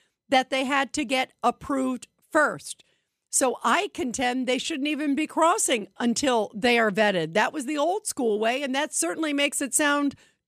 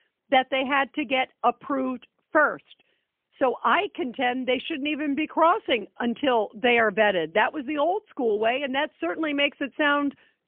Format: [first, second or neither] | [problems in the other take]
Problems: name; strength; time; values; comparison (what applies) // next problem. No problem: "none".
first | phone-call audio; poor line; nothing above 3 kHz